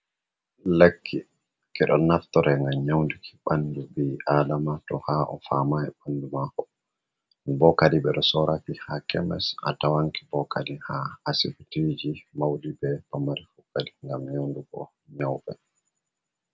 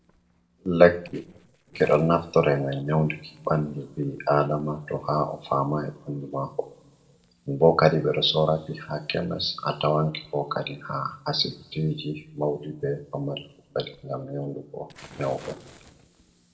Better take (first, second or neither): first